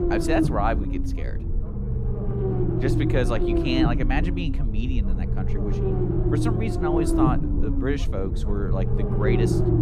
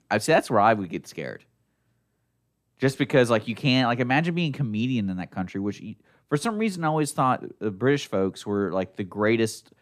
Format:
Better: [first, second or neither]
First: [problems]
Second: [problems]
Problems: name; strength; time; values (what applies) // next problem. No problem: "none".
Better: second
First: low rumble; loud; throughout; as loud as the speech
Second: none